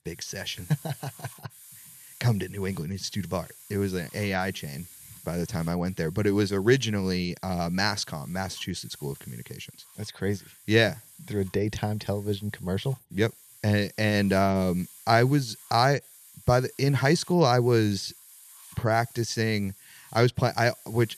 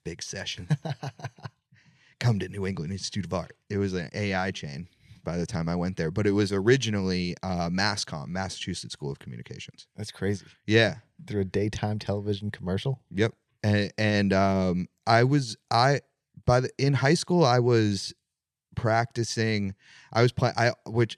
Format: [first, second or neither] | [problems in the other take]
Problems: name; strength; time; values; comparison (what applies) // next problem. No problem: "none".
second | hiss; faint; throughout; 20 dB below the speech